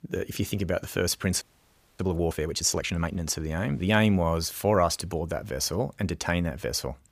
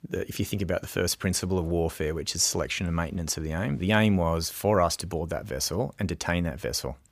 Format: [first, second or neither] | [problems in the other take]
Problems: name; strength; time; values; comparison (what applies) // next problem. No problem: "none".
second | audio freezing; at 1.5 s for 0.5 s